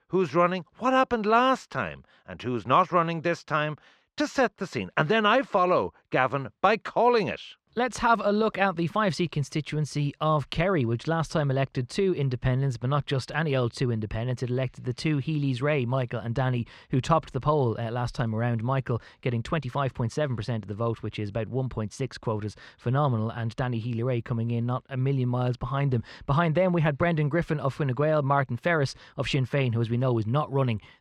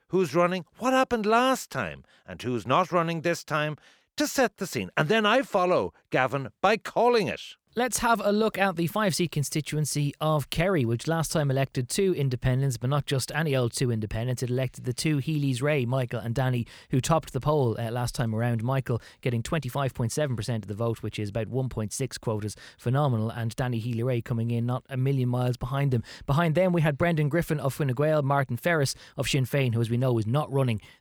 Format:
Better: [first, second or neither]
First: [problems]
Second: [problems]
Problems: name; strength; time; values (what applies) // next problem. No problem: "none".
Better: second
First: muffled; very slightly; fading above 4 kHz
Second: none